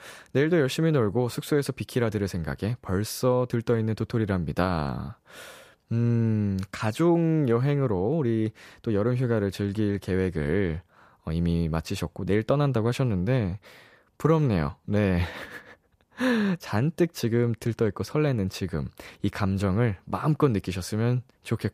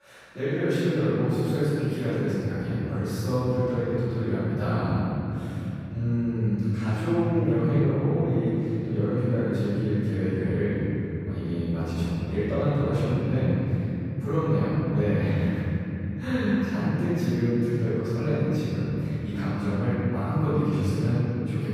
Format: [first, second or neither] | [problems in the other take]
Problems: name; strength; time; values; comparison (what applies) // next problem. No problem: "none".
first | off-mic speech; far // room echo; strong; dies away in 3 s